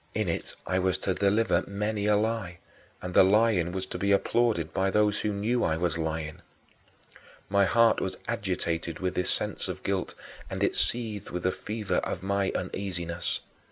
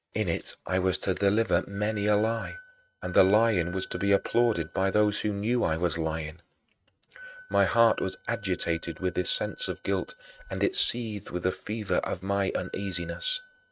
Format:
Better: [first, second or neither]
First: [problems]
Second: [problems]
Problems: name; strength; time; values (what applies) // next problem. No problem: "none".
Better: first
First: none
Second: noise reduction (neural mask model RNNoise)